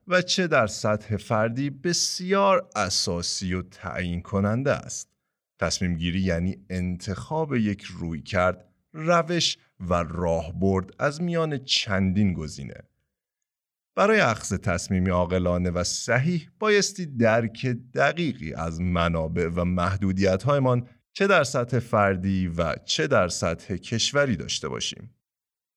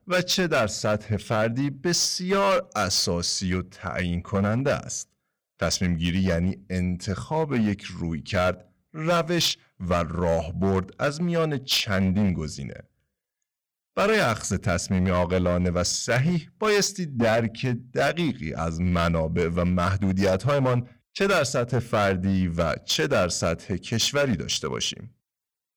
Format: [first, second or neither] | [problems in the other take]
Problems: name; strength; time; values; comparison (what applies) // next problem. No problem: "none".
first | distortion; slight; 9% of the sound clipped